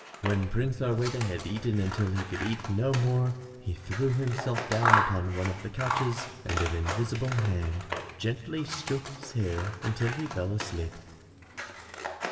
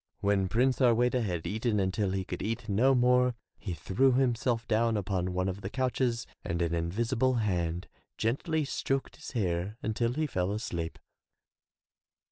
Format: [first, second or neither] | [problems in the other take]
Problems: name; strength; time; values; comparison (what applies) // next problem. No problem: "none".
second | background sound (Scissors); 5 dB below the speech // room echo; dies away in 3 s